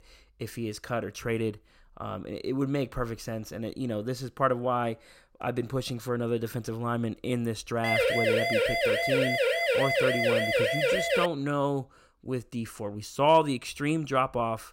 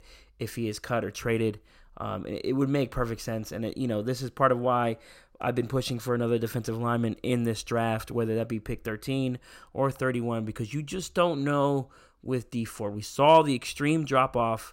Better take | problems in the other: second | siren; loud; from 8 to 11 s; peak 6 dB above the speech

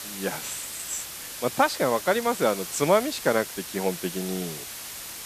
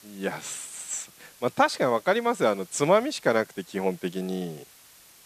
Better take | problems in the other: second | hiss; loud; throughout; 8 dB below the speech; faint in the second

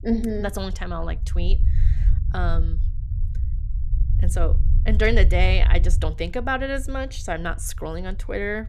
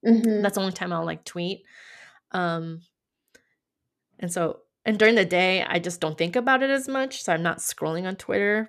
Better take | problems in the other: second | low rumble; noticeable; throughout; 15 dB below the speech

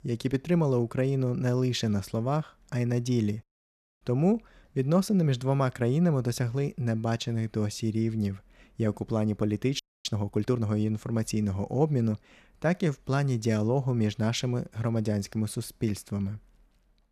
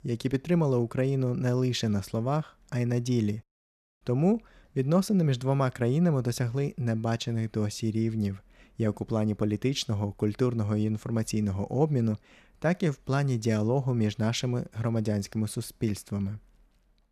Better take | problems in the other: second | audio freezing; at 10 s

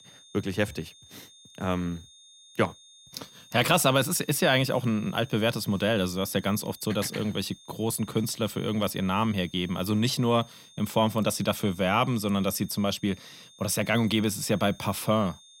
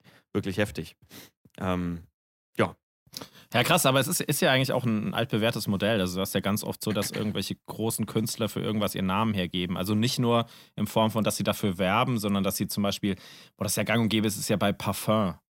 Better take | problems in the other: second | high-pitched whine; faint; throughout; 3.5 kHz, 25 dB below the speech

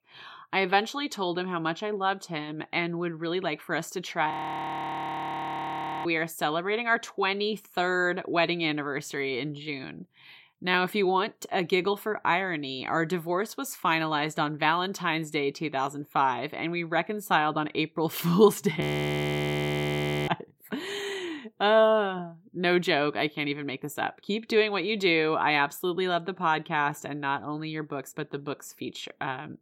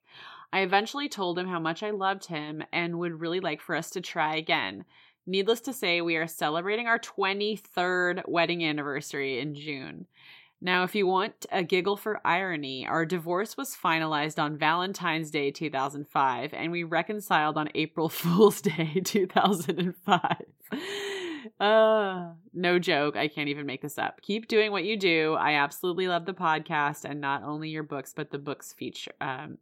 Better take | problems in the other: second | audio freezing; at 4.5 s for 1.5 s and at 19 s for 1.5 s

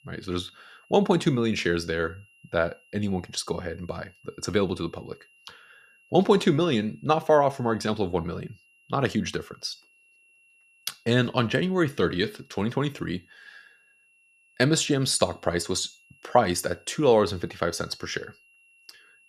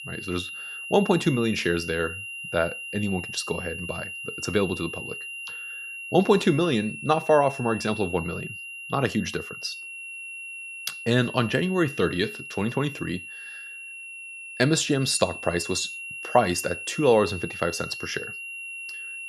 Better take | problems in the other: first | high-pitched whine; loud; throughout; 3 kHz, 9 dB below the speech; faint in the first

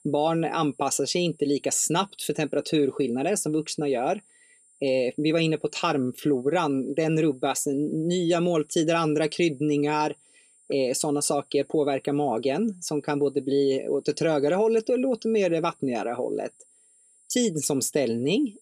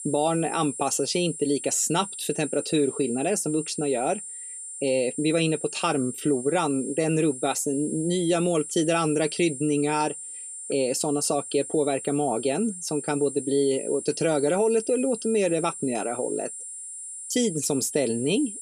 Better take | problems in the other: first | high-pitched whine; loud; throughout; 9.5 kHz, 9 dB below the speech; faint in the first

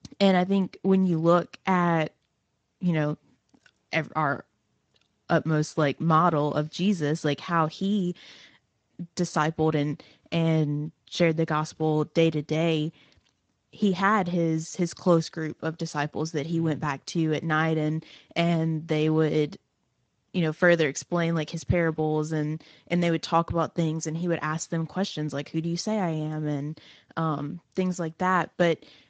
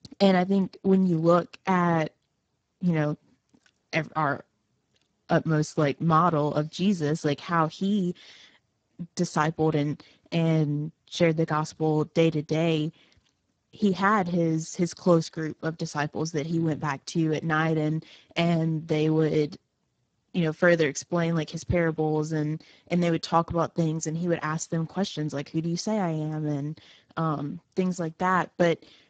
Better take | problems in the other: first | garbled, watery; badly; nothing above 7.5 kHz; slightly in the first

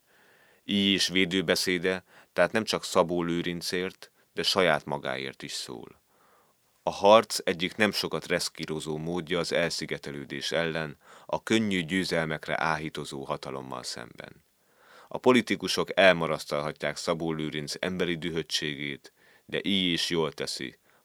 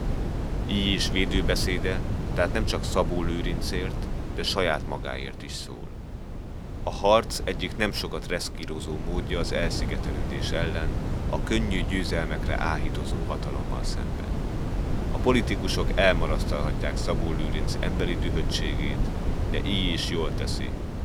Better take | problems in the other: first | wind noise on the microphone; heavy; 9 dB below the speech

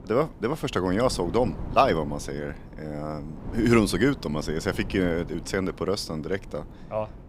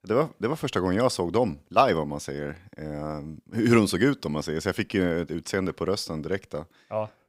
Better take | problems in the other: second | wind noise on the microphone; occasional gusts; 20 dB below the speech

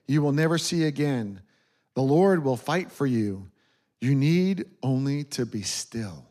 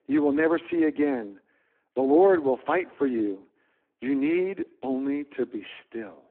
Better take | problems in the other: first | phone-call audio; poor line

